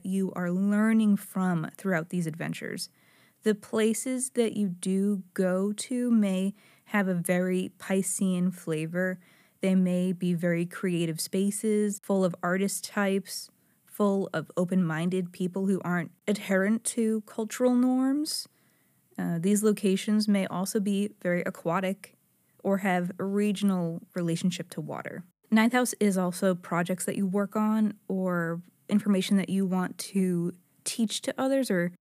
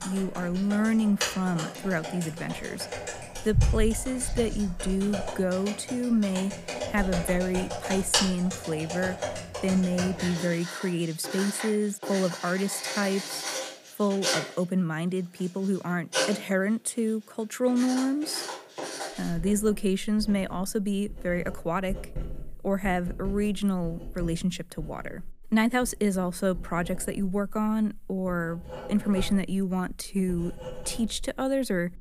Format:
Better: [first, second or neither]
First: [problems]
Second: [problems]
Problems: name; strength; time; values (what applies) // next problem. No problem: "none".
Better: first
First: none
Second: household noises; loud; throughout; 6 dB below the speech